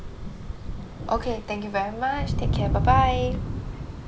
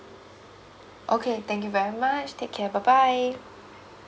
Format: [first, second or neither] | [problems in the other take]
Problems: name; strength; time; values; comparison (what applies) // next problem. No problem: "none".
second | background sound (Thunder); as loud as the speech